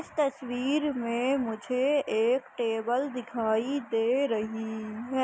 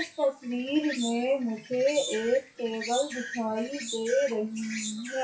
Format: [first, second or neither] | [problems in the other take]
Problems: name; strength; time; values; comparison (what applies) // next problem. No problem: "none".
first | noise reduction (classical method WPE with log-MMSE)